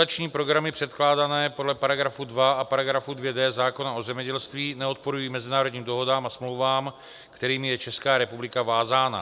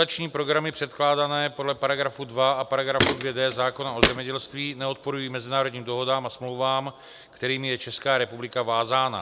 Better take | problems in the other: first | background sound (Walk, footsteps); 1 dB below the speech

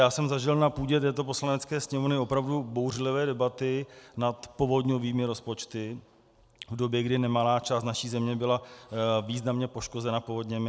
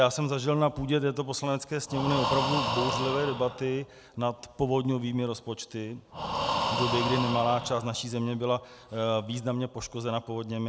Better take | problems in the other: first | background sound (Breathing); 4 dB below the speech

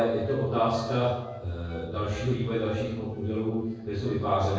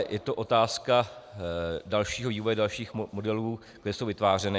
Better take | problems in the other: second | noise reduction (neural separator model SepFormer DNS4)

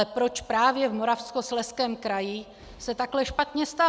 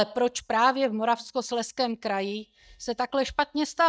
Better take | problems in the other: first | noise reduction (neural mask model DeepFilterNet 3)

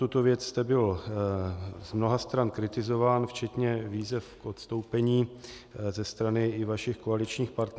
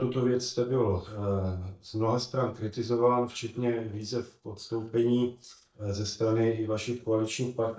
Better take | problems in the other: first | noise reduction (neural mask model DeepFilterNet 3)

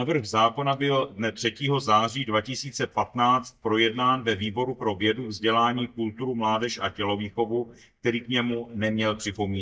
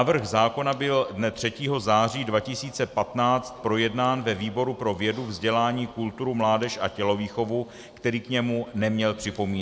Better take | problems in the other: second | noise reduction (neural mask model DeepFilterNet 3)

